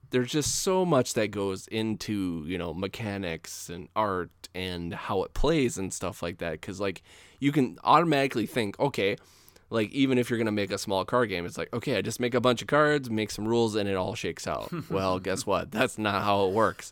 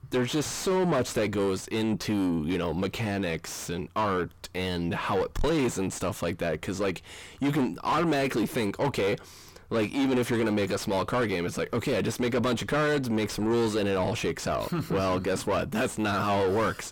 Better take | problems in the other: first | distortion; heavy; 5 dB below the speech

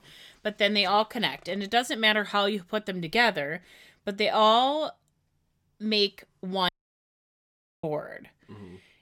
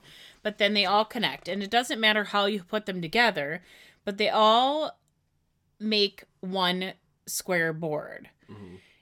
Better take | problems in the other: second | audio cutting out; at 6.5 s for 1 s

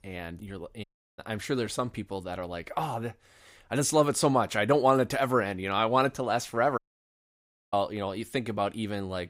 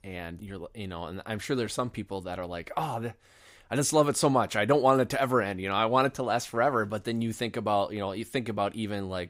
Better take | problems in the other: second | audio cutting out; at 1 s and at 7 s for 1 s

